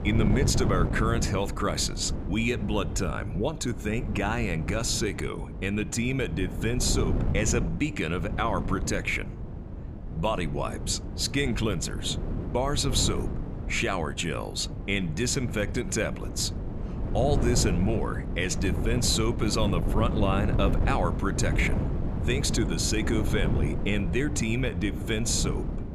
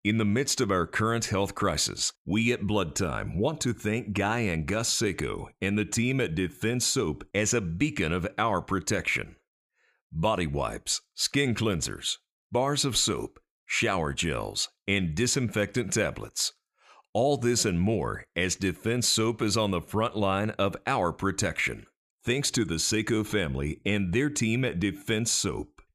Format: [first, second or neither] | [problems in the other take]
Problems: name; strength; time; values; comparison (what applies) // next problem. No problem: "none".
second | wind noise on the microphone; heavy; 10 dB below the speech